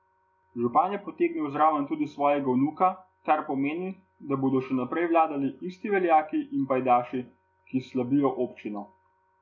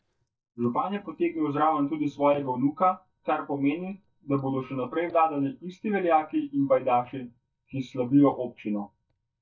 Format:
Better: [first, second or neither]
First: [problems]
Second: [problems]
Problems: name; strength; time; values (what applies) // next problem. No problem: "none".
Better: first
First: none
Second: noise reduction (neural mask model DeepFilterNet 3)